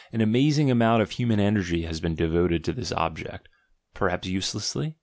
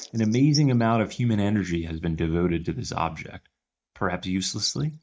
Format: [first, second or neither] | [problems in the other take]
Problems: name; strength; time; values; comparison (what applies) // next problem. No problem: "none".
first | noise reduction (neural mask model DeepFilterNet 3)